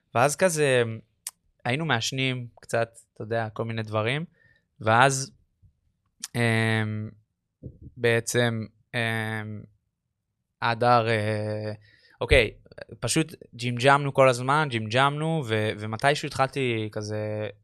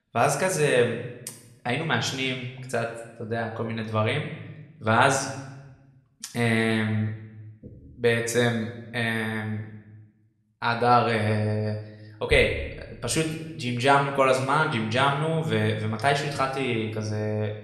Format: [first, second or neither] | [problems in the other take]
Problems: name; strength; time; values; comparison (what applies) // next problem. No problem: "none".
first | room echo; slight; dies away in 0.8 s // off-mic speech; somewhat distant